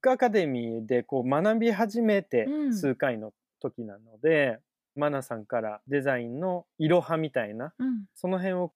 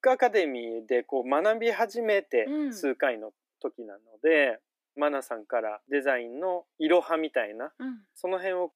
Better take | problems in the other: first | thin; somewhat; fading below 300 Hz

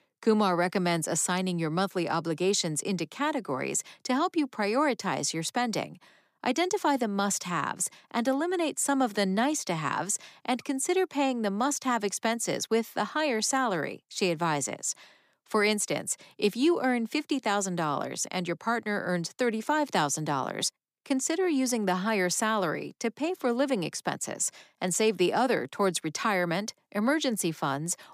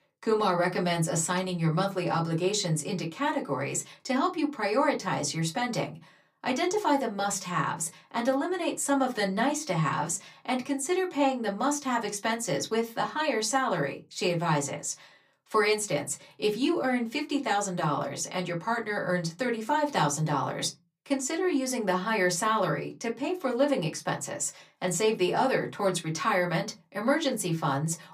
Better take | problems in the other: first | off-mic speech; far // room echo; very slight; dies away in 0.2 s

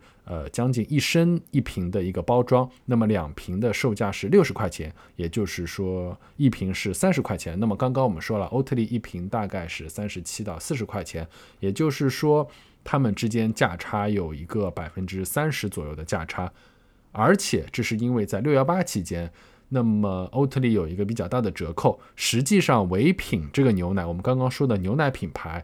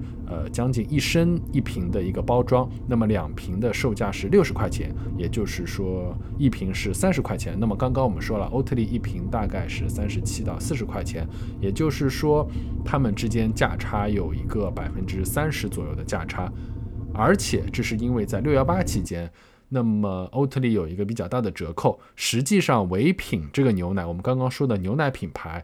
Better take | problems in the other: first | low rumble; noticeable; until 19 s; 15 dB below the speech

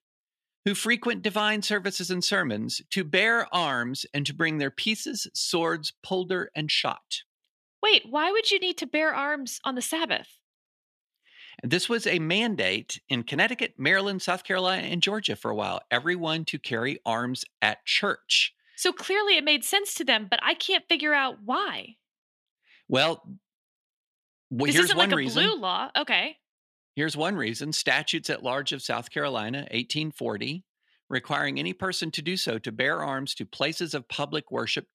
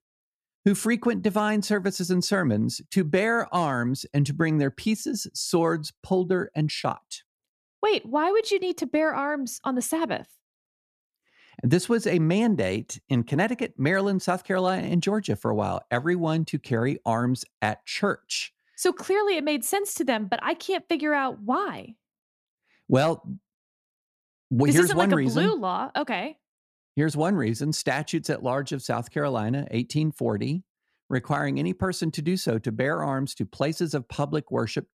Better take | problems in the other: second | thin; very slightly; fading below 550 Hz

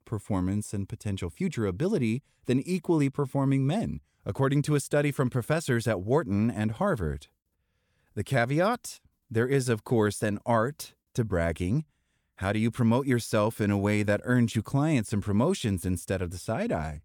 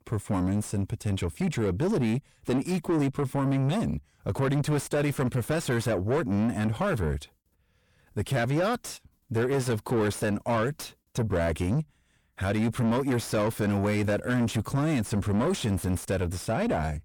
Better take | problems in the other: first | distortion; heavy; 7 dB below the speech

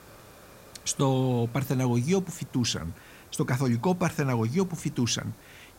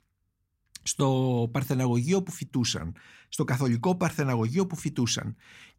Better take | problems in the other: second | hiss; faint; throughout; 25 dB below the speech

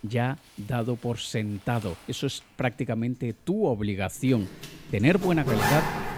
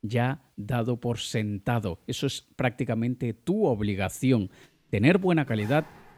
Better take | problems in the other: second | household noises; loud; throughout; 3 dB below the speech; faint in the second

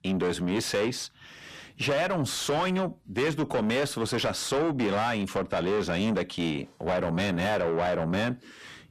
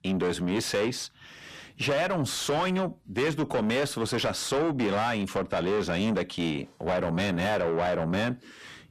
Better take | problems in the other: neither | distortion; heavy; 7 dB below the speech; the same in both

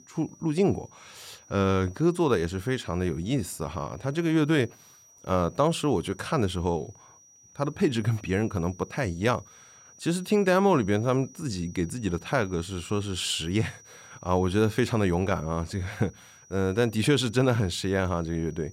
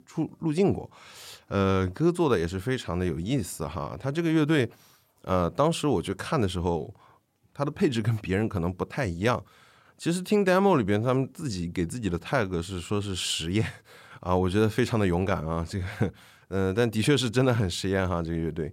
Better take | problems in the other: second | high-pitched whine; faint; throughout; 6 kHz, 25 dB below the speech

